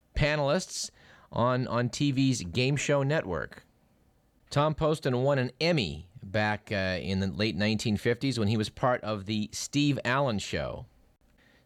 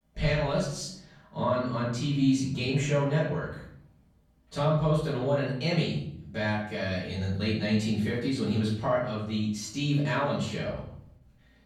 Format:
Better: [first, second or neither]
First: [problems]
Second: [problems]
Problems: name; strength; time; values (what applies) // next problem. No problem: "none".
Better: first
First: none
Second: off-mic speech; far // room echo; noticeable; dies away in 0.7 s